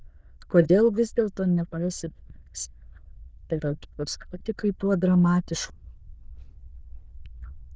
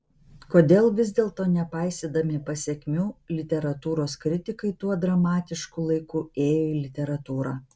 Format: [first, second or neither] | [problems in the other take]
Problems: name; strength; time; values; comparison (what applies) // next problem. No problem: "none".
second | noise reduction (neural diffusion model UNIVERSE++)